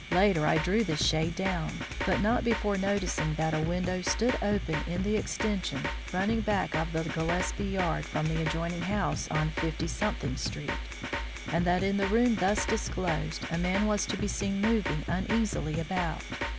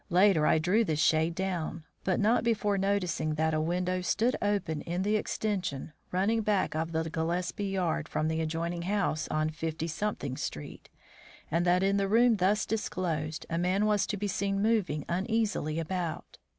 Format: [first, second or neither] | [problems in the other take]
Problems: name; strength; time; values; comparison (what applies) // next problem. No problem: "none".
second | background sound (Drum kit); 5 dB below the speech